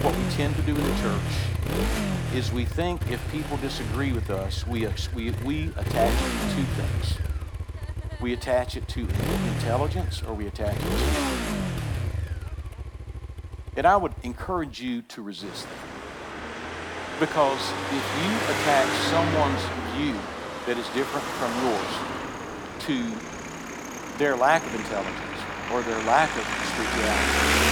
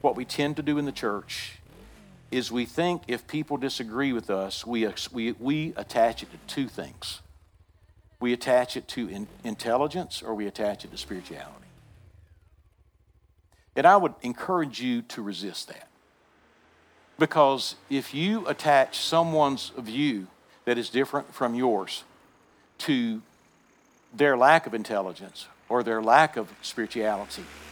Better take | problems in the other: second | traffic noise; loud; throughout; 1 dB below the speech; faint in the second

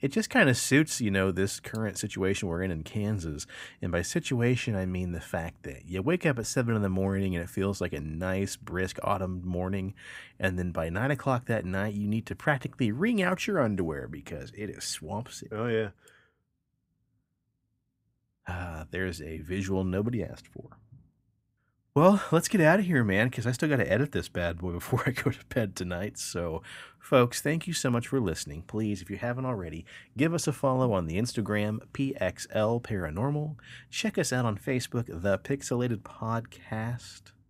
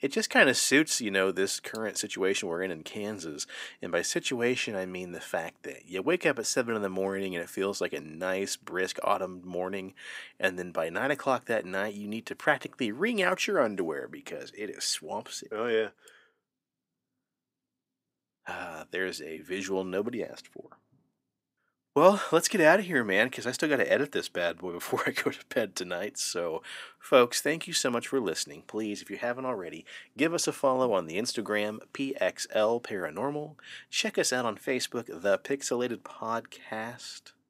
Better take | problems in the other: first | thin; somewhat; fading below 350 Hz

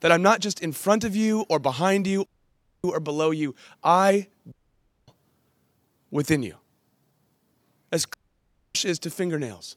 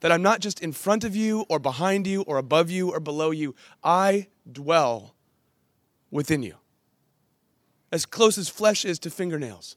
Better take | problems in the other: second | audio cutting out; at 2.5 s for 0.5 s, at 4.5 s for 0.5 s and at 8 s for 0.5 s

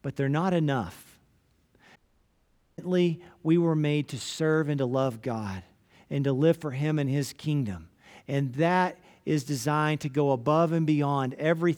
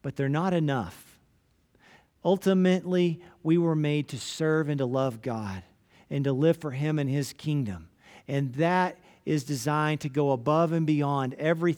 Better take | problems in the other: second | audio cutting out; at 2 s for 1 s

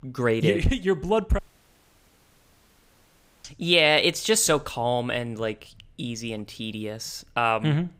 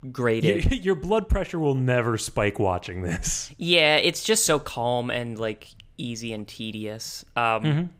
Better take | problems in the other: second | audio cutting out; at 1.5 s for 2 s

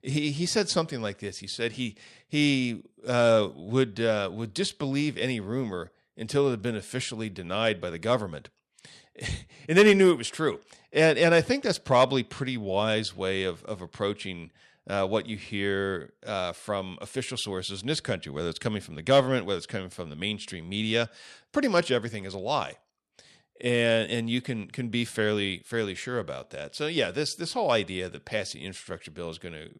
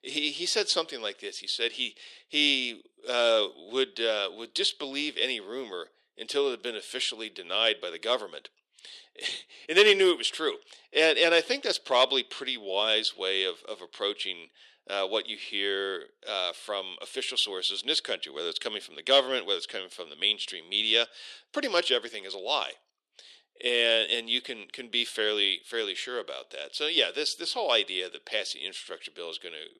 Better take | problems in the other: first | thin; somewhat; fading below 350 Hz

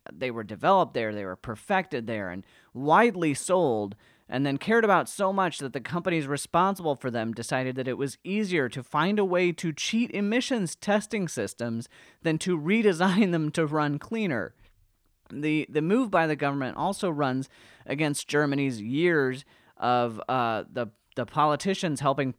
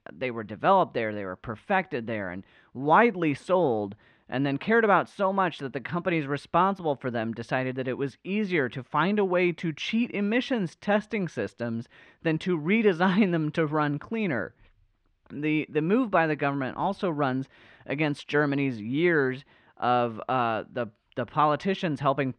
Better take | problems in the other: first | muffled; slightly; fading above 2.5 kHz

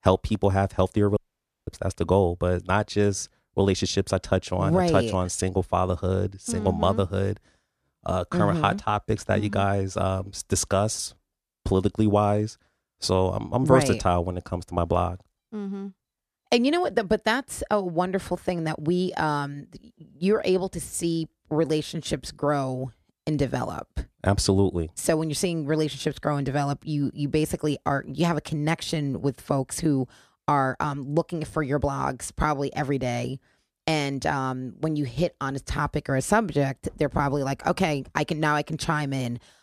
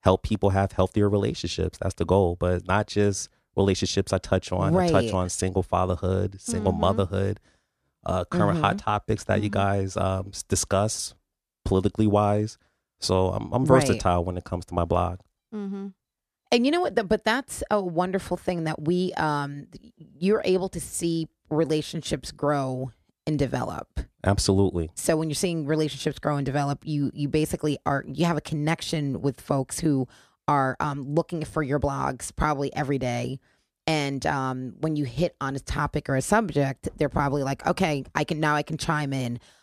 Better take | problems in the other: second | audio cutting out; at 1 s for 0.5 s

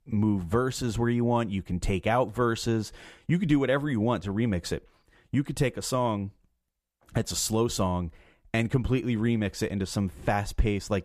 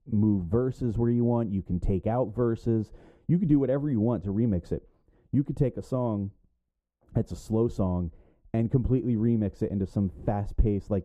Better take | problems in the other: first | muffled; very; fading above 1 kHz

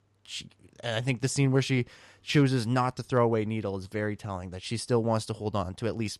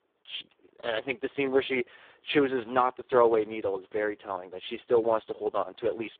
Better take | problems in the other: first | phone-call audio; poor line

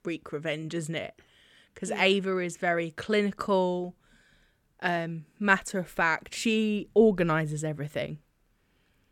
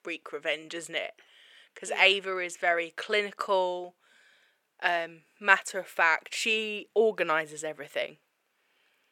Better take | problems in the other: first | thin; very; fading below 550 Hz

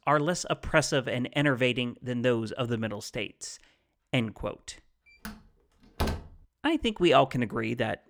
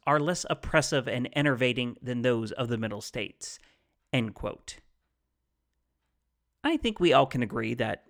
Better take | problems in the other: second | door banging; noticeable; at 5.5 s; peak 5 dB below the speech

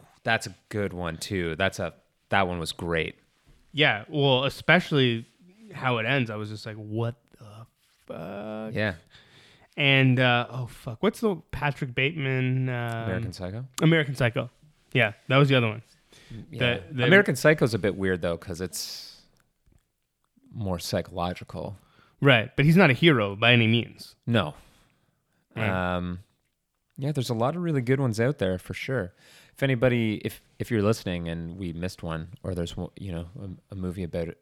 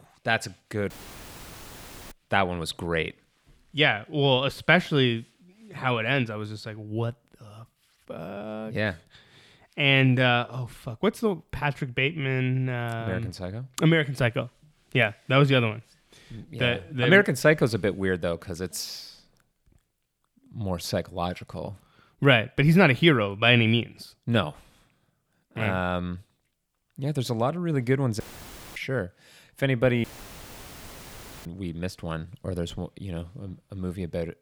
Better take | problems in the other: first | audio cutting out; filled with static; at 1 s for 1 s, at 28 s for 0.5 s and at 30 s for 1.5 s

